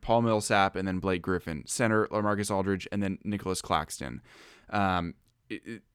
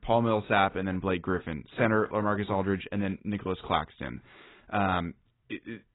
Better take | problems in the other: first | garbled, watery; badly; nothing above 4 kHz

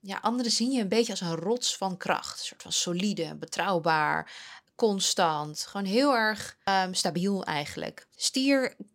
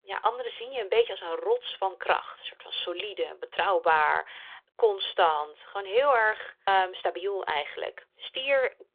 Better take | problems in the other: first | phone-call audio; nothing above 3.5 kHz

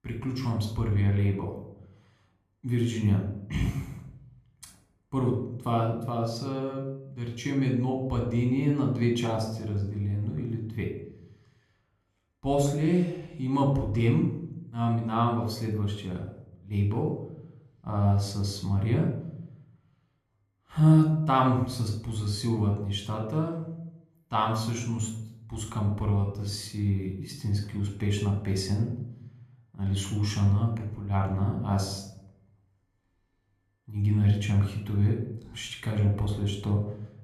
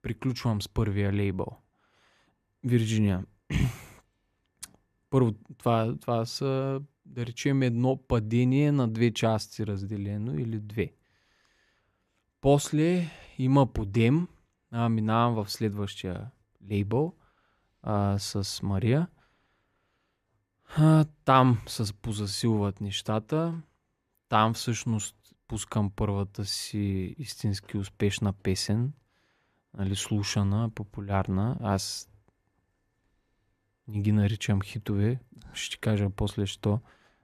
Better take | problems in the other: second | room echo; noticeable; dies away in 0.6 s // off-mic speech; somewhat distant

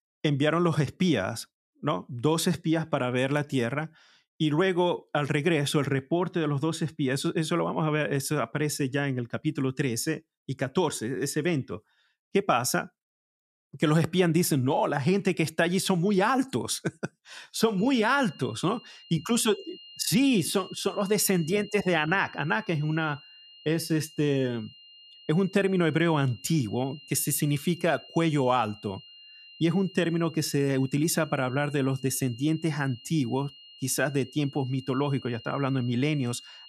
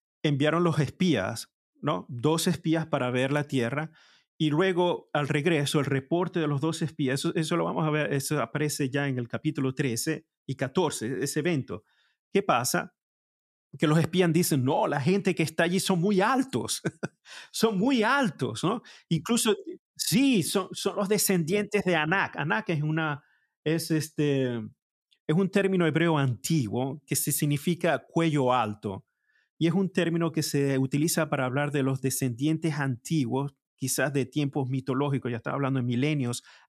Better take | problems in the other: second | high-pitched whine; faint; from 18 s on; 3 kHz, 20 dB below the speech

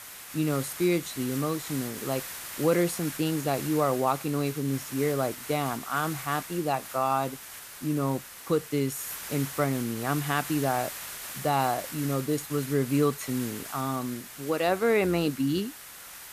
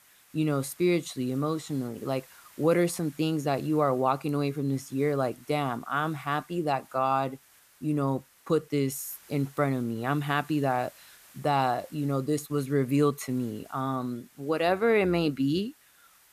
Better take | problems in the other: second | hiss; loud; throughout; 9 dB below the speech; faint in the second

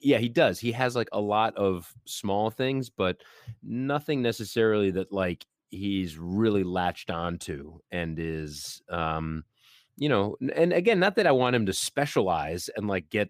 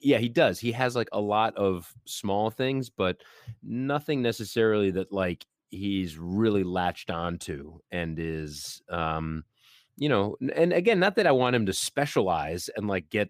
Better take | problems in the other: neither | none

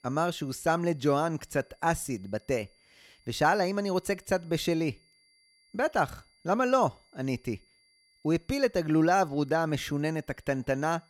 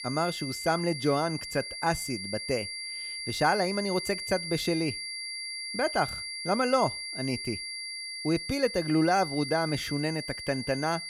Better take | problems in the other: first | high-pitched whine; loud; throughout; 4.5 kHz, 5 dB below the speech; faint in the first

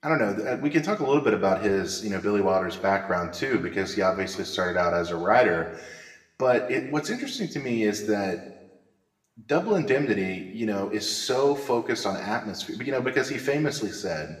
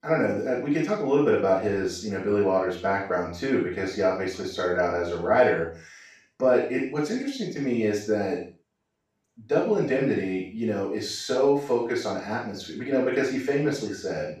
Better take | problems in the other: first | room echo; strong; dies away in 0.4 s; slight in the first // off-mic speech; far; somewhat distant in the first

